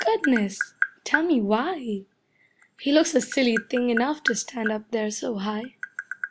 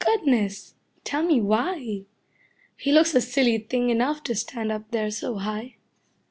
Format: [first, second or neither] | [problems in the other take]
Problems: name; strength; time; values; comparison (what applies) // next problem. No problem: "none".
second | background sound (Tap); 8 dB below the speech